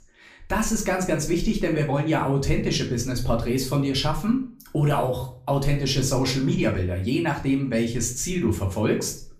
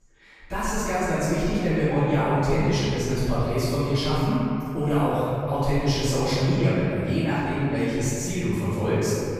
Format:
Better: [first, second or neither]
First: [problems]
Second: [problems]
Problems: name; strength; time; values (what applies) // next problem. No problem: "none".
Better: first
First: room echo; slight; dies away in 0.4 s // off-mic speech; somewhat distant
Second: room echo; strong; dies away in 2.7 s // off-mic speech; far